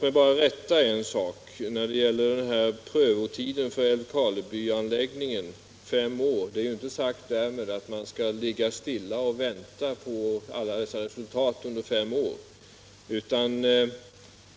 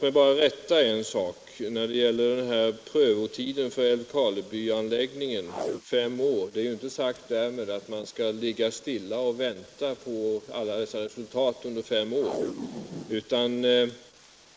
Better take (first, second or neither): first